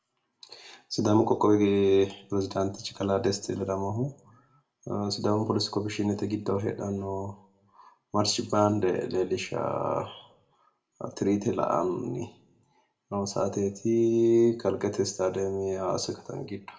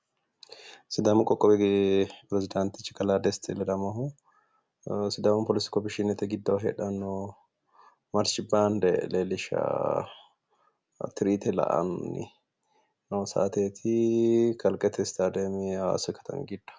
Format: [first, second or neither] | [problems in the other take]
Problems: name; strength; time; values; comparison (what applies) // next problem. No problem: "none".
second | room echo; dies away in 0.4 s